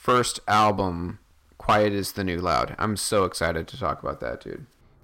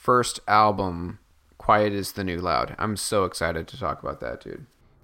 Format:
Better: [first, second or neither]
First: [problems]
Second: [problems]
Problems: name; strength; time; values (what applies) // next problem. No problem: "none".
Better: second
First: distortion; slight; 2% of the sound clipped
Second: none